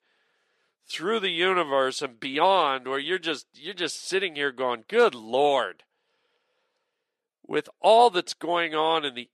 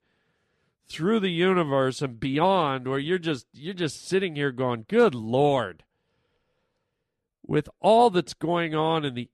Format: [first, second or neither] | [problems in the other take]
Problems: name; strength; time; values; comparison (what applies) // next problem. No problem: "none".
second | thin; somewhat; fading below 450 Hz